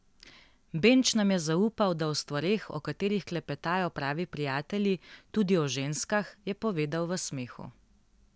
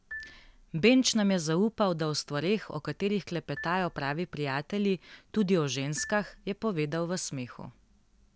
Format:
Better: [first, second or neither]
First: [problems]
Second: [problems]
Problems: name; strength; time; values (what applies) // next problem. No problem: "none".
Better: first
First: none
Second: background sound (Marimba, xylophone); 20 dB below the speech